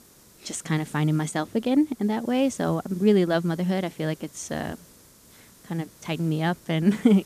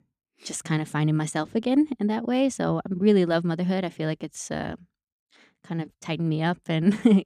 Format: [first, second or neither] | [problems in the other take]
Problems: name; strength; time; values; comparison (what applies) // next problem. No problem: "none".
second | hiss; faint; throughout; 25 dB below the speech